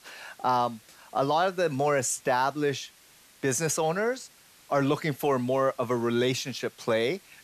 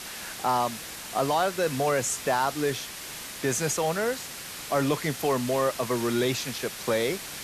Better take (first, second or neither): first